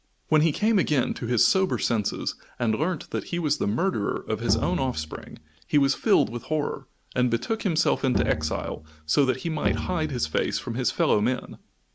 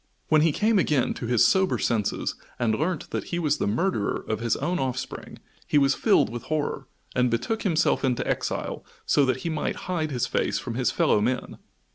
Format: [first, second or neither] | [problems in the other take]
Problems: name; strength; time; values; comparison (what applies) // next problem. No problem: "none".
second | background sound (Bowed string instrument); 7 dB below the speech